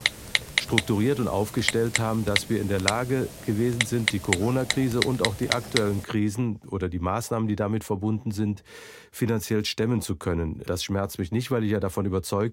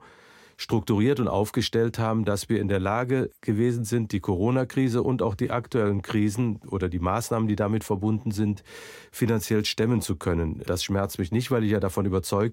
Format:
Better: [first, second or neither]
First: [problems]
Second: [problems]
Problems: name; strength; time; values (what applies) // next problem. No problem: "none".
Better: second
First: keyboard typing; loud; until 6 s; peak 3 dB above the speech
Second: none